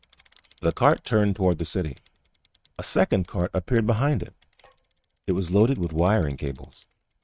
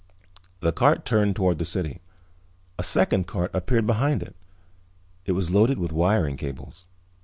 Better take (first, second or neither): second